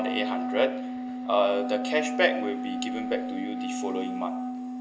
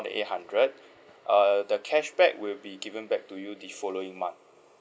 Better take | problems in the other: second | background sound (Wind instrument, woodwind instrument); 2 dB below the speech // room echo; dies away in 2.4 s

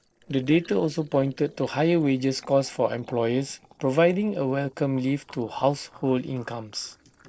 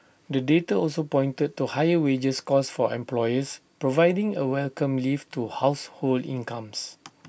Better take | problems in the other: second | noise reduction (neural separator model SepFormer DNS4)

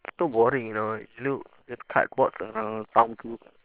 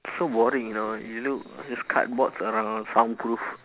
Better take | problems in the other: second | noise reduction (neural separator model SepFormer WHAM!)

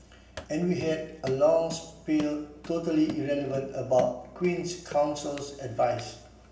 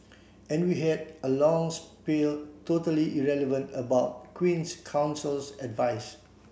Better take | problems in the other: second | background sound (Run); 18 dB below the speech // room echo; dies away in 1.3 s

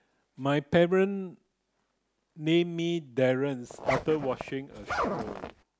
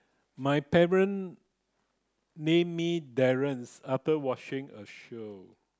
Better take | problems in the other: second | background sound (Zipper (clothing)); 5 dB below the speech

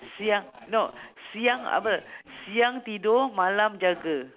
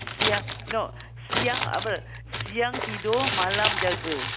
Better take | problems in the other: first | background sound (Crumpling, crinkling); as loud as the speech

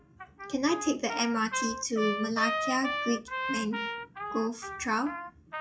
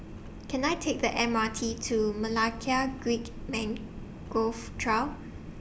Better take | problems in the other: second | noise reduction (classical method WPE with log-MMSE)

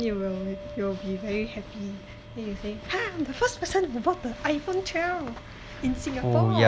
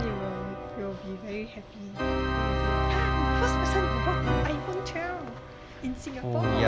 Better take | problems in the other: first | background sound (Organ); 4 dB above the speech

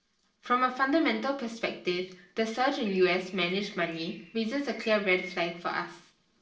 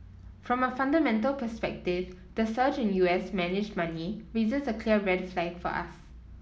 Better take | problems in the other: second | noise reduction (neural separator model SepFormer DNS4)

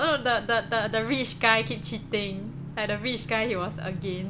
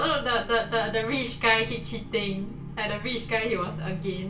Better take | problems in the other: first | room echo; dies away in 0.3 s

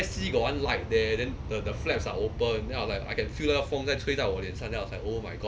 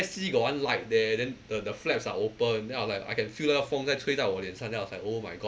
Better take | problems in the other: second | background sound (Aircraft); 6 dB below the speech

